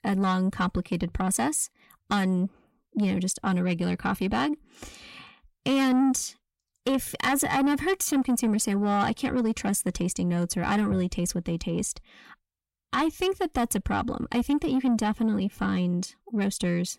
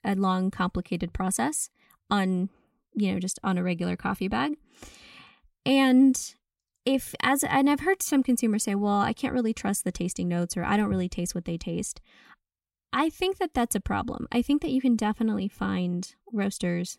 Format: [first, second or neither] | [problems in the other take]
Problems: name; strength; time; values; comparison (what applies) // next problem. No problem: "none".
second | distortion; slight; 10 dB below the speech